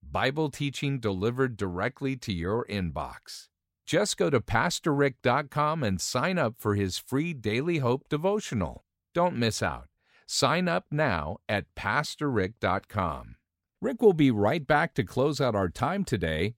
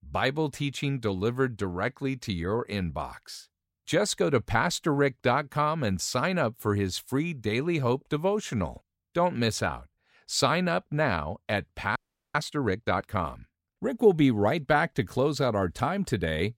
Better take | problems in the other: first | audio freezing; at 12 s

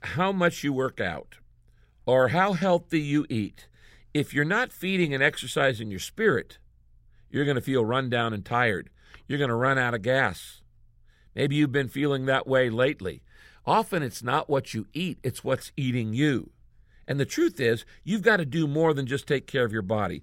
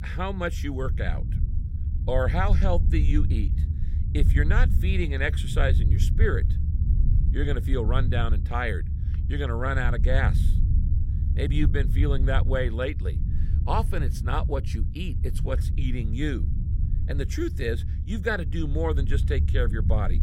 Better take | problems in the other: first | low rumble; noticeable; throughout; 10 dB below the speech

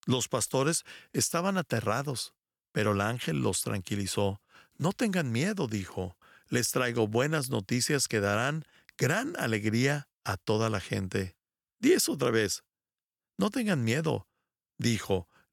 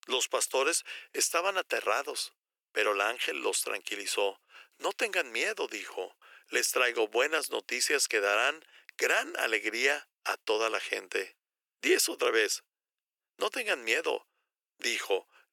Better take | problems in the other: first | thin; very; fading below 350 Hz

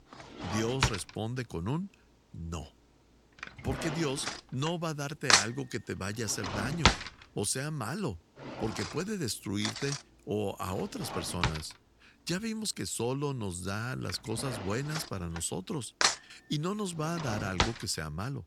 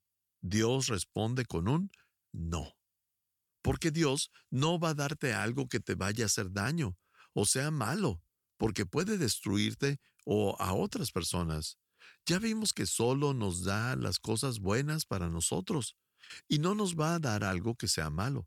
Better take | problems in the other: second | household noises; very loud; throughout; 3 dB above the speech

